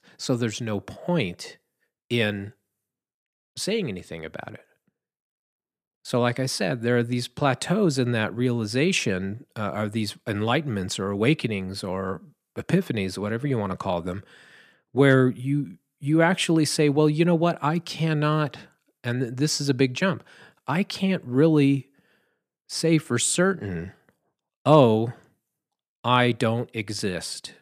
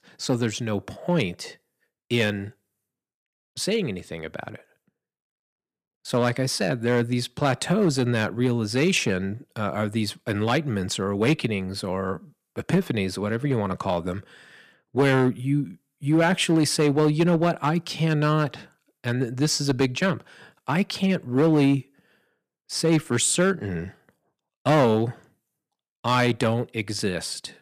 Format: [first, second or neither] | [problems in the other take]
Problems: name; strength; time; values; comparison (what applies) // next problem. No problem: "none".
first | distortion; slight; 3% of the sound clipped